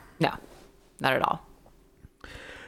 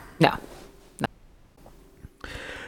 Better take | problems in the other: first | audio cutting out; at 1 s for 0.5 s

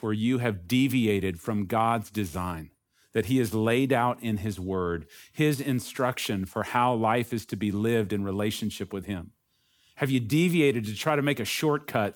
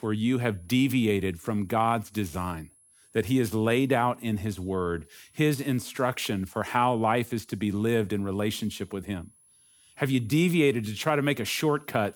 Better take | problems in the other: first | high-pitched whine; faint; throughout; 10.5 kHz, 30 dB below the speech

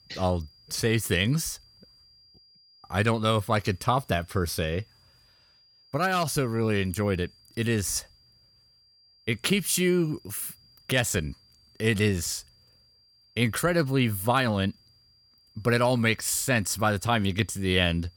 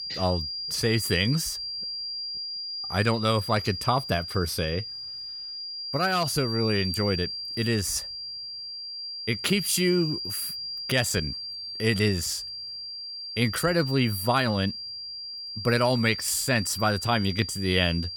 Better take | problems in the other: first | high-pitched whine; loud; throughout; 4.5 kHz, 6 dB below the speech; faint in the first

